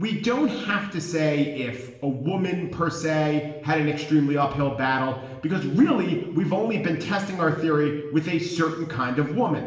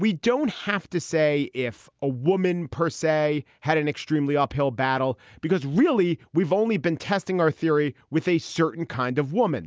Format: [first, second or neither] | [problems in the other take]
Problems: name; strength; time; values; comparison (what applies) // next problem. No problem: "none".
second | room echo; dies away in 0.9 s